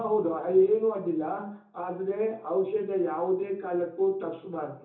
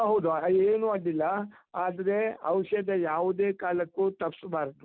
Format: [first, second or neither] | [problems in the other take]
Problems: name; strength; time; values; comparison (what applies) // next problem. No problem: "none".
second | room echo; dies away in 0.7 s